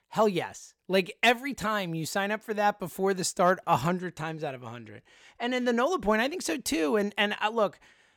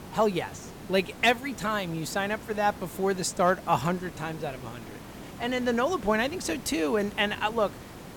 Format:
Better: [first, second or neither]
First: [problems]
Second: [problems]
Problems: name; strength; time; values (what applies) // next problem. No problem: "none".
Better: first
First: none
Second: hiss; noticeable; throughout; 15 dB below the speech